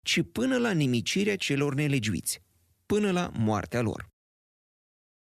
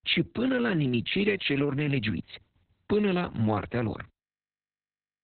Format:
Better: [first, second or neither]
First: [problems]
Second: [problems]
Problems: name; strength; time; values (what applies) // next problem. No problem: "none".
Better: first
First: none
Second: garbled, watery; badly; nothing above 4 kHz